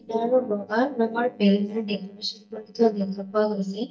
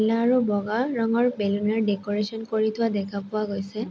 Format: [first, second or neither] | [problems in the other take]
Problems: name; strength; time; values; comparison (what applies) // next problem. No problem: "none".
second | noise reduction (neural mask model DeepFilterNet 3)